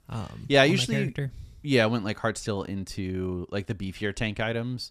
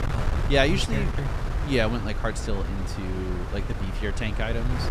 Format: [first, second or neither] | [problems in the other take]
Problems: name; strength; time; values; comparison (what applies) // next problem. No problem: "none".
first | wind noise on the microphone; heavy; 8 dB below the speech